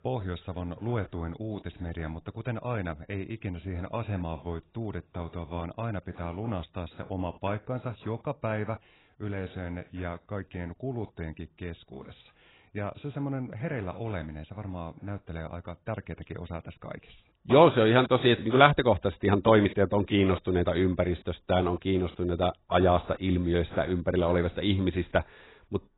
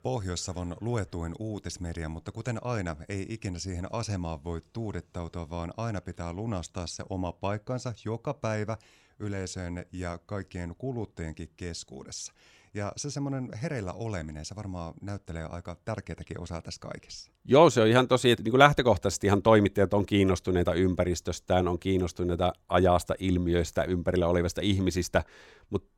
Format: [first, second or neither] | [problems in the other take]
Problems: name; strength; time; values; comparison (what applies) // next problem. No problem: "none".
second | garbled, watery; badly; nothing above 4 kHz